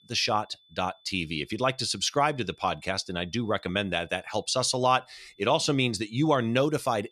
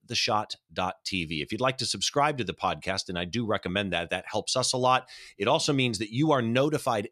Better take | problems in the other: second | high-pitched whine; faint; throughout; 3.5 kHz, 30 dB below the speech

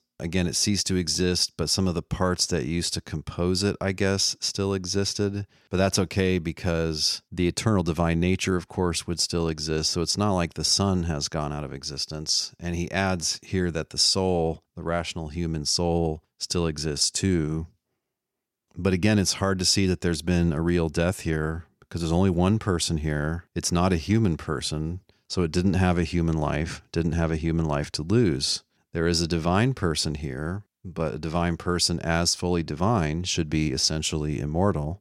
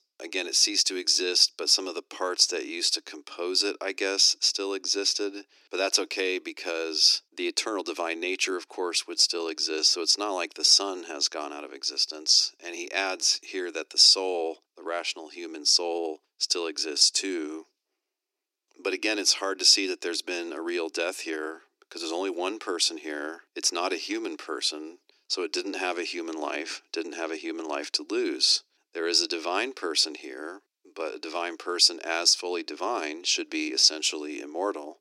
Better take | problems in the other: first | thin; very; fading below 300 Hz

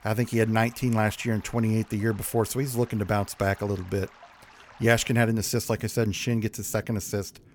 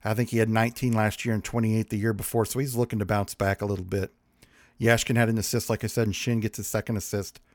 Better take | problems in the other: second | rain or running water; faint; throughout; 25 dB below the speech

